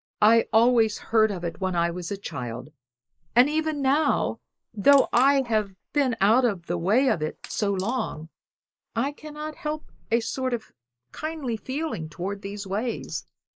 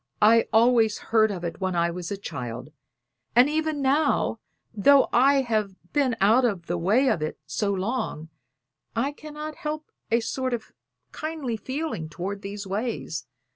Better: second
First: noise reduction (neural mask model Resemble Enhance denoiser)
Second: none

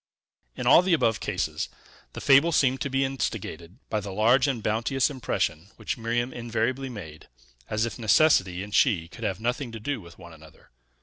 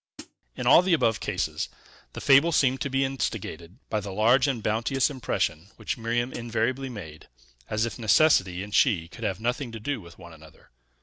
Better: first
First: none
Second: background sound (Hi-hat); 16 dB below the speech

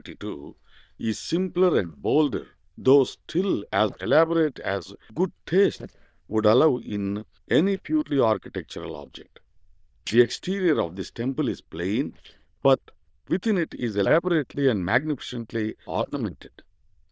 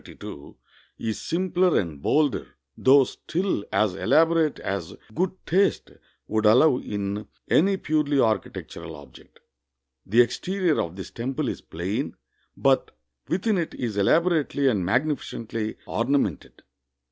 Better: second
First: noise reduction (neural diffusion model UNIVERSE++)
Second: none

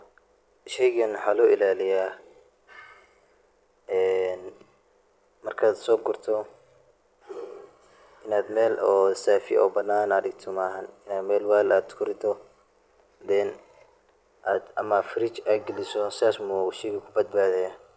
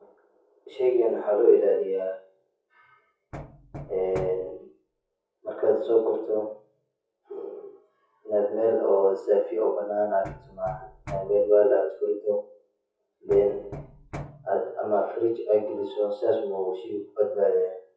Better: first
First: none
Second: noise reduction (classical method WPE with log-MMSE)

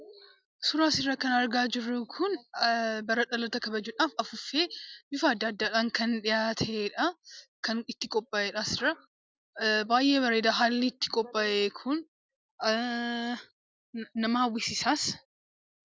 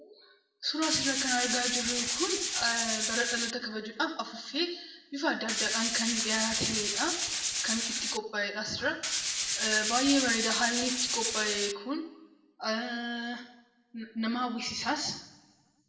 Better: first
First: none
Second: background sound (Tools); 2 dB above the speech // room echo; dies away in 0.9 s

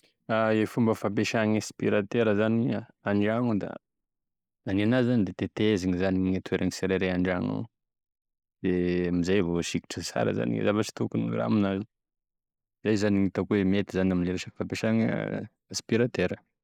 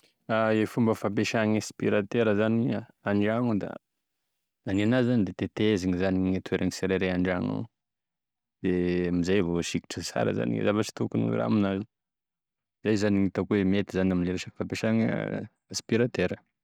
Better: second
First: noise reduction (neural mask model Resemble Enhance denoiser)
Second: none

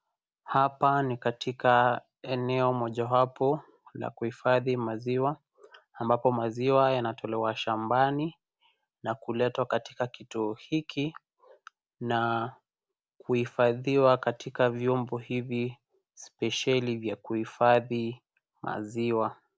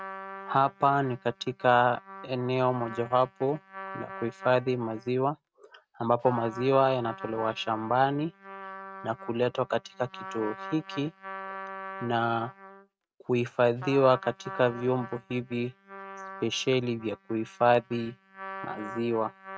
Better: first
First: none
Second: noise reduction (neural mask model RNNoise)

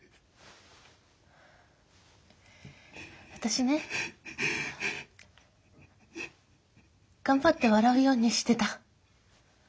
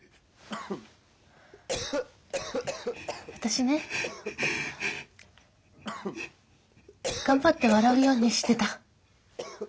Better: first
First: none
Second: background sound (Cough); 8 dB below the speech

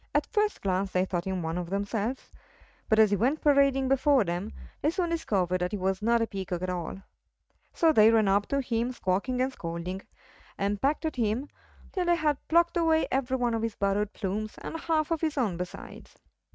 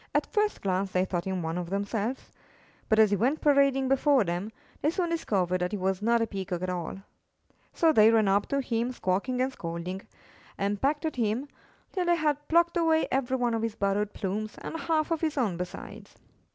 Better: second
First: noise reduction (neural mask model RNNoise)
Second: none

